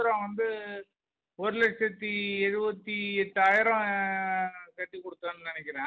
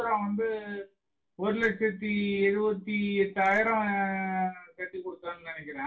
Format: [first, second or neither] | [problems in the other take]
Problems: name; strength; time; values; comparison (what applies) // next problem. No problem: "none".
first | room echo; dies away in 0.2 s